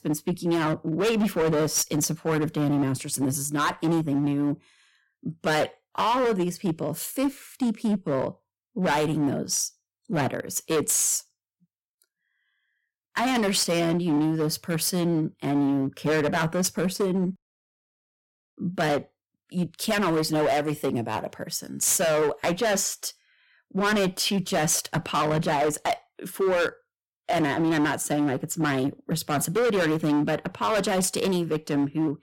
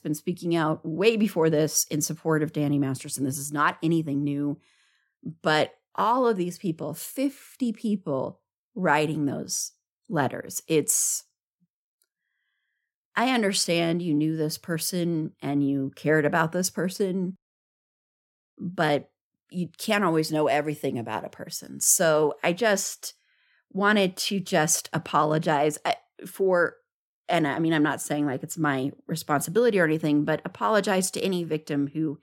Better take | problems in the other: second | distortion; heavy; 14% of the sound clipped

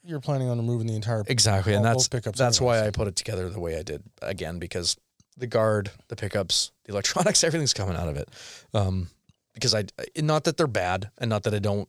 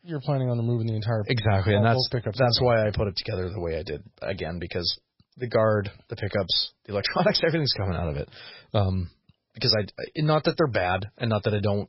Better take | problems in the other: first | garbled, watery; badly; nothing above 5.5 kHz

